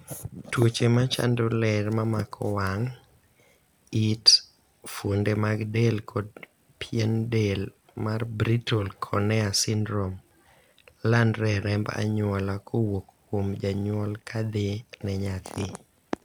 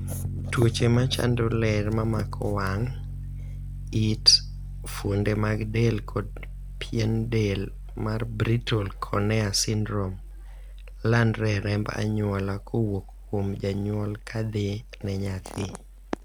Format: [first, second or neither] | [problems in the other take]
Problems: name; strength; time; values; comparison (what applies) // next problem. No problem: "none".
first | background sound (Piano); 10 dB below the speech